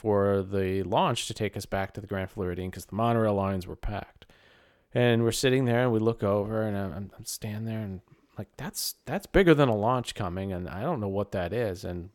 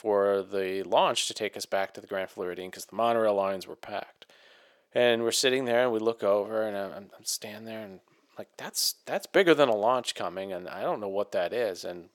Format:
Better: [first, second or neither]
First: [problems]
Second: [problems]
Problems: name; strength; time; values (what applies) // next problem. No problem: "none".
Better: first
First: none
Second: thin; somewhat; fading below 350 Hz